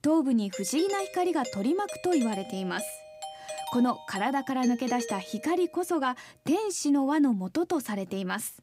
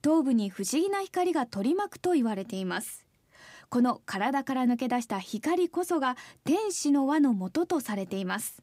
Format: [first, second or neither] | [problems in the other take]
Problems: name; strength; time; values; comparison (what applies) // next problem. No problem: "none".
second | doorbell; noticeable; from 0.5 to 5.5 s; peak 8 dB below the speech